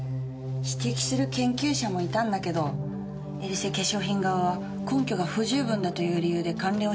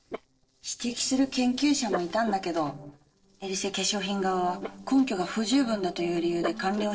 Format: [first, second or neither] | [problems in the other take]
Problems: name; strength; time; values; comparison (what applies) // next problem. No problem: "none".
first | noise reduction (neural separator model SepFormer DNS4)